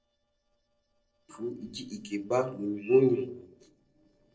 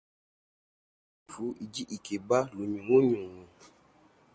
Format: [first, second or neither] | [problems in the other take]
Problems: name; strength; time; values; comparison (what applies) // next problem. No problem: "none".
second | noise reduction (neural separator model SepFormer DNS4)